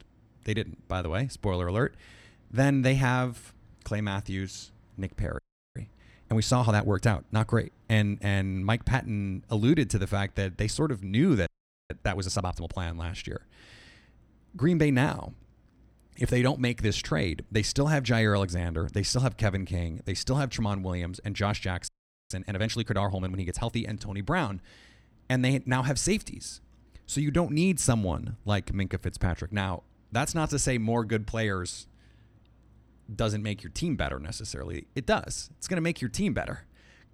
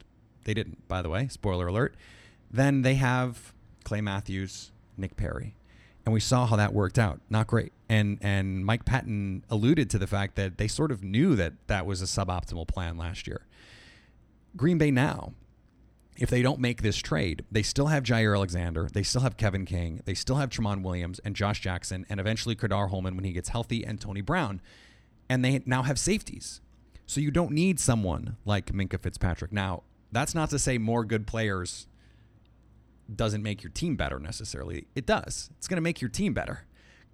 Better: second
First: audio freezing; at 5.5 s, at 11 s and at 22 s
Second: none

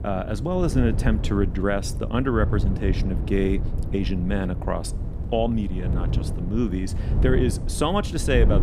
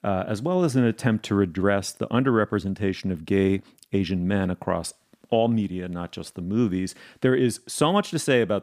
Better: second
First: wind noise on the microphone; occasional gusts; 10 dB below the speech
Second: none

